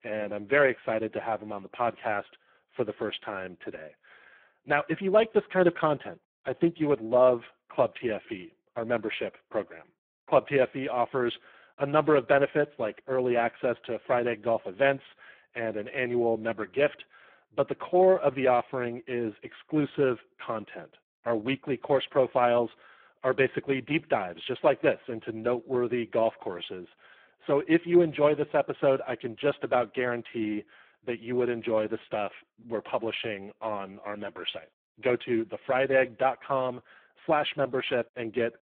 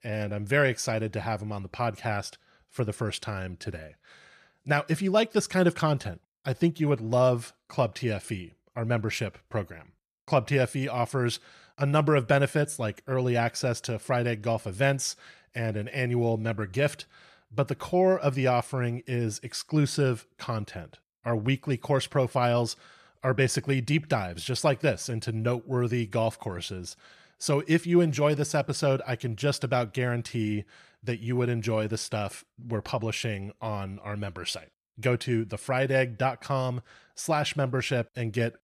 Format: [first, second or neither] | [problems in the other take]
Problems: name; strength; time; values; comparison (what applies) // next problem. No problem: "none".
second | phone-call audio; poor line